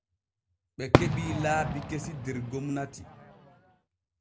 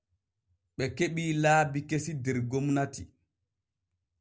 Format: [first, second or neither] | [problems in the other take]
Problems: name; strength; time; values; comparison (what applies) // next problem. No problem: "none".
second | background sound (Fireworks); 4 dB above the speech